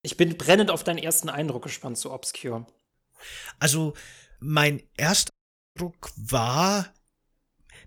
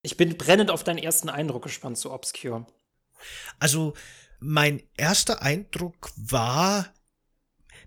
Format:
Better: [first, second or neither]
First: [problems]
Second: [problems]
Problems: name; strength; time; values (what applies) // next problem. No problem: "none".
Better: second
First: audio cutting out; at 5.5 s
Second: none